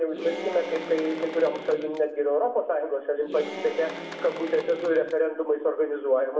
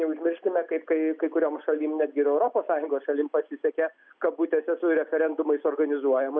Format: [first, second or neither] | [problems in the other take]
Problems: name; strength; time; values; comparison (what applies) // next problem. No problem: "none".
second | background sound (Applause / Cheering); 13 dB below the speech // room echo; dies away in 0.6 s